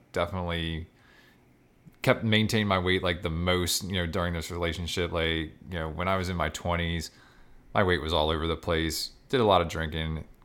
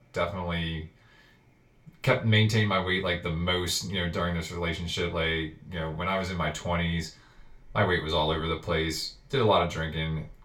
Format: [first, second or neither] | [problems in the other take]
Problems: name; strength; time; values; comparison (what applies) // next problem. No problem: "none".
first | room echo; slight; dies away in 0.2 s // off-mic speech; far